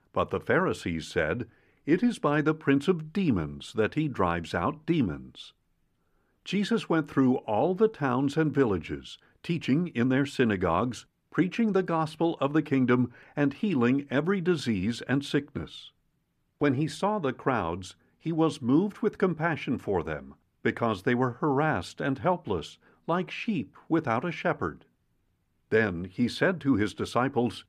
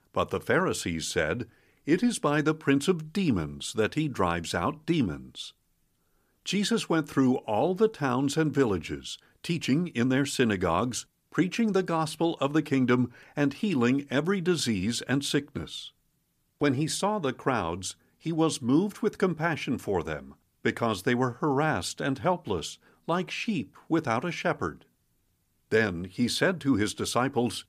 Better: second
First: muffled; slightly; fading above 4 kHz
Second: none

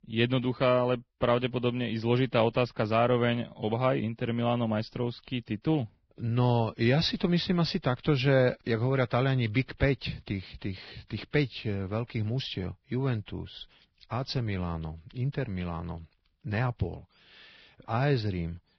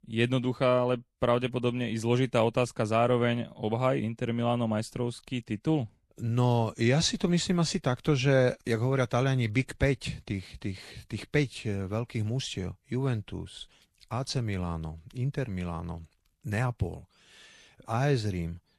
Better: second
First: garbled, watery; badly; nothing above 5.5 kHz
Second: garbled, watery; slightly; nothing above 11.5 kHz

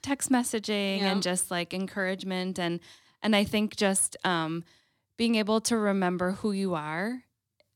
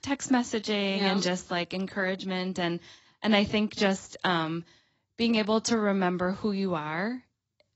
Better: first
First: none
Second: garbled, watery; badly; nothing above 8 kHz

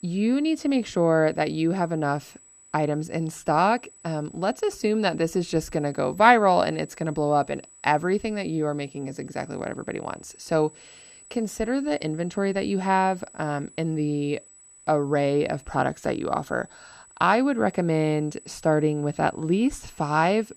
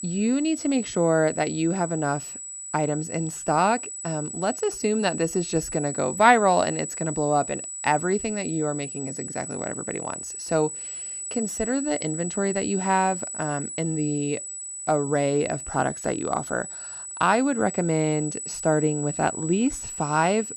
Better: first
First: high-pitched whine; faint; throughout; 8 kHz, 25 dB below the speech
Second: high-pitched whine; loud; throughout; 8 kHz, 7 dB below the speech

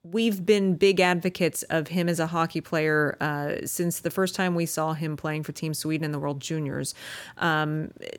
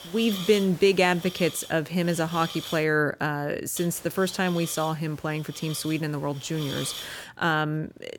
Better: first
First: none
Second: hiss; noticeable; until 3 s and from 4 to 7 s; 10 dB below the speech

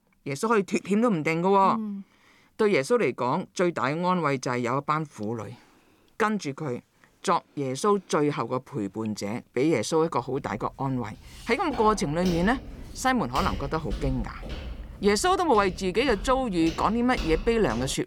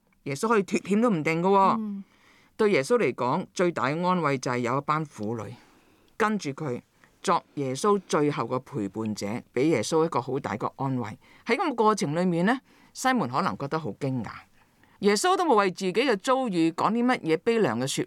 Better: second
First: footsteps; noticeable; from 11 s on; peak 8 dB below the speech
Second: none

